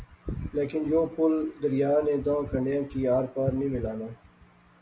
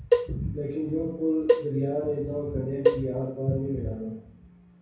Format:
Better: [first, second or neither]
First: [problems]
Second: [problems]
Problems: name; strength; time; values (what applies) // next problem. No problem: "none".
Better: first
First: none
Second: background sound (Cowbell); as loud as the speech // room echo; dies away in 0.6 s